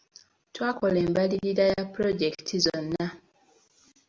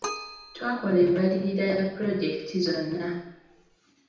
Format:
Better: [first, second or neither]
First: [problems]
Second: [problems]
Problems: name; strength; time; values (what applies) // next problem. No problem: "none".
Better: first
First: none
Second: background sound (Keyboard (musical)); 16 dB below the speech // room echo; dies away in 0.9 s